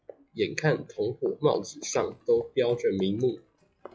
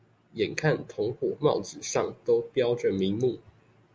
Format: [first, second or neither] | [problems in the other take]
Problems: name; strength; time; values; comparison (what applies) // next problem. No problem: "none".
second | noise reduction (classical method log-MMSE)